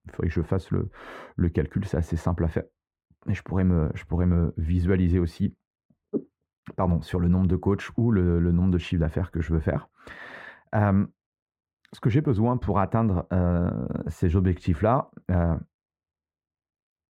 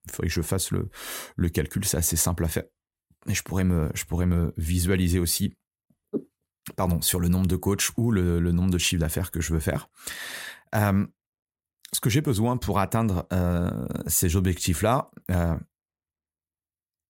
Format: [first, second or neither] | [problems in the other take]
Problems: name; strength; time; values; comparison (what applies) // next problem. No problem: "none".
second | muffled; very; fading above 4 kHz